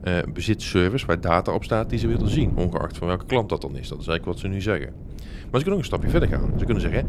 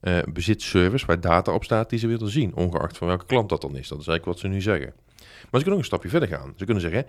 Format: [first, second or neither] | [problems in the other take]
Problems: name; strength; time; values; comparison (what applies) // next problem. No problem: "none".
second | wind noise on the microphone; occasional gusts; 15 dB below the speech